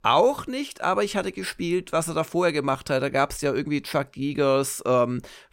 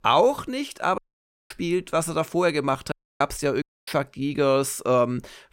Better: first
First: none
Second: audio cutting out; at 1 s for 0.5 s, at 3 s and at 3.5 s

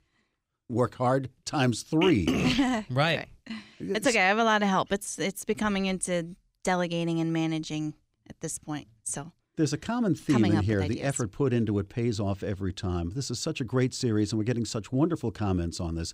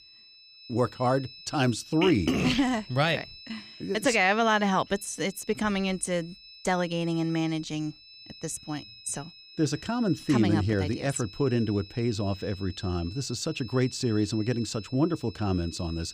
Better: first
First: none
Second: high-pitched whine; noticeable; throughout; 5 kHz, 20 dB below the speech

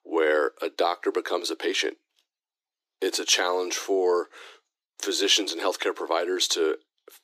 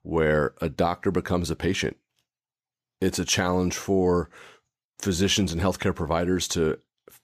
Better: second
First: thin; very; fading below 300 Hz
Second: none

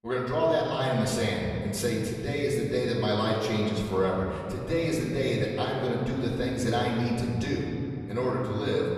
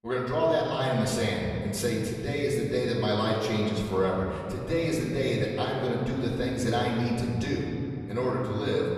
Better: neither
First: off-mic speech; far // room echo; noticeable; dies away in 2.4 s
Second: off-mic speech; far // room echo; noticeable; dies away in 2.4 s

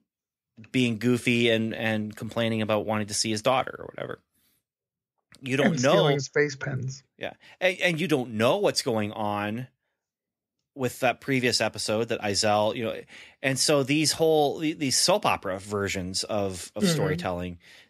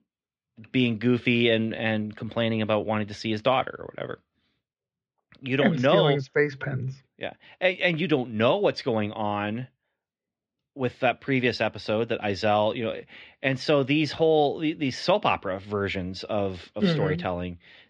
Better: first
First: none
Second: muffled; slightly; fading above 3.5 kHz

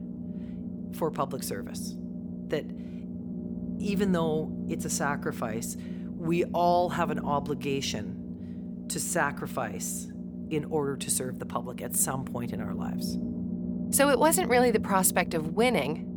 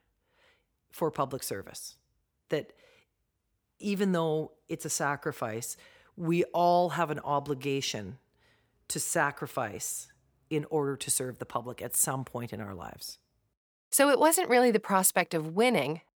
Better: second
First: low rumble; noticeable; throughout; 15 dB below the speech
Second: none

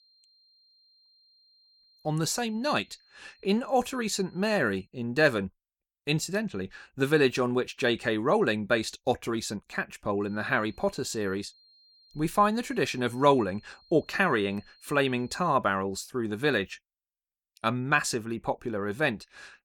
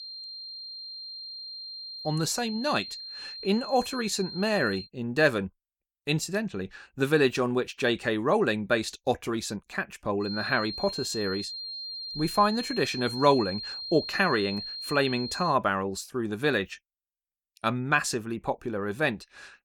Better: first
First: high-pitched whine; faint; until 5 s and from 10 to 16 s; 4 kHz, 30 dB below the speech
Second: high-pitched whine; loud; until 5 s and from 10 to 16 s; 4 kHz, 8 dB below the speech

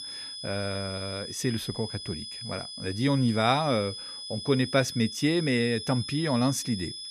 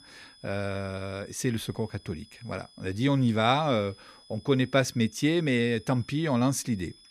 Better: second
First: high-pitched whine; loud; throughout; 5 kHz, 8 dB below the speech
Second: high-pitched whine; faint; throughout; 5 kHz, 25 dB below the speech

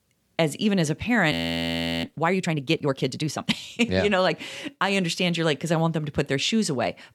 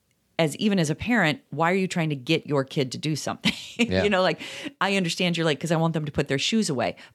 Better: second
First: audio freezing; at 1.5 s for 0.5 s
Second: none

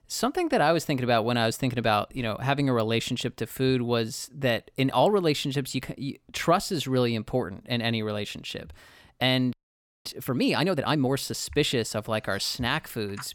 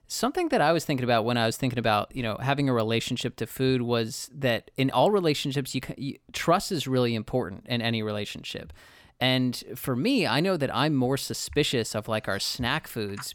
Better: second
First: audio freezing; at 9.5 s for 0.5 s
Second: none

